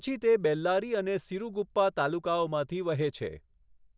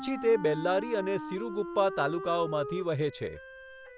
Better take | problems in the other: first | background sound (Wind instrument, woodwind instrument); 9 dB below the speech

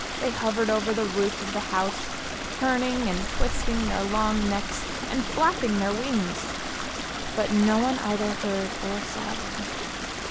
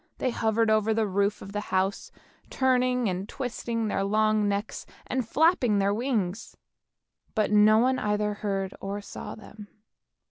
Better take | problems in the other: second | background sound (Stream); 3 dB below the speech

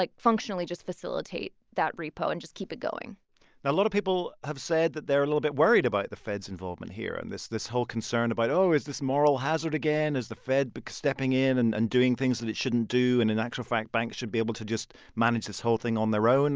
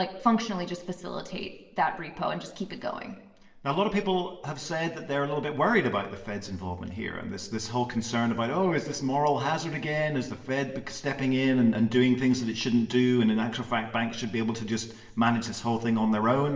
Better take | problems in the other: first | room echo; dies away in 0.9 s

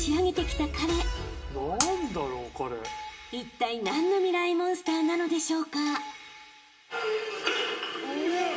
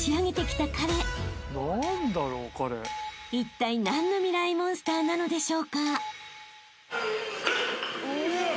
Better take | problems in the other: second | background sound (Shatter); 8 dB below the speech // room echo; dies away in 0.8 s

